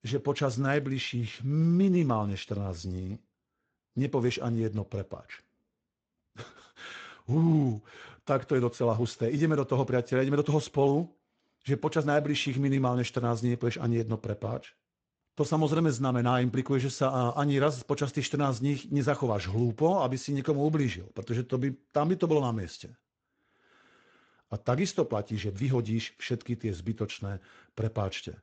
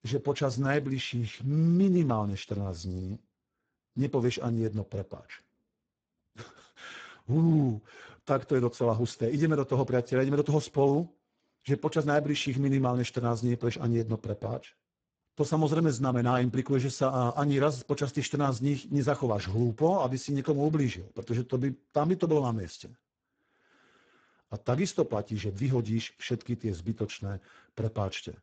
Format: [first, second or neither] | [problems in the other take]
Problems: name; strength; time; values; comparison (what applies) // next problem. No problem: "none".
first | garbled, watery; badly; nothing above 7.5 kHz; slightly in the first